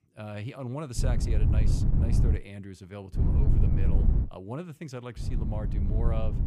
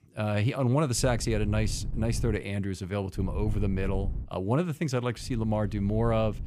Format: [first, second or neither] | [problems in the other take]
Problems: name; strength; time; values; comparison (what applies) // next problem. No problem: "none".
second | wind noise on the microphone; heavy; from 1 to 2.5 s, from 3 to 4 s and from 5 s on; as loud as the speech; occasional gusts in the second